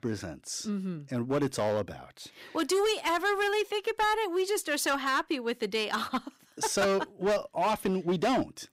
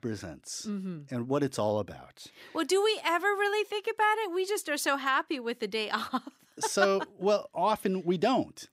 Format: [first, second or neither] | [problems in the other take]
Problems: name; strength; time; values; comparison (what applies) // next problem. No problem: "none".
second | distortion; slight; 9% of the sound clipped